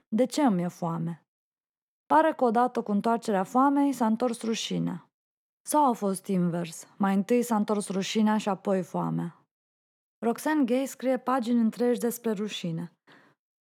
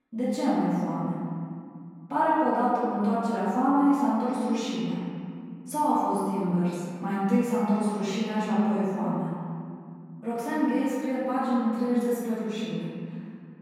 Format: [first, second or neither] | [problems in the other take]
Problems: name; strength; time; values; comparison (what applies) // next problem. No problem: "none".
first | off-mic speech; far // room echo; strong; dies away in 2.2 s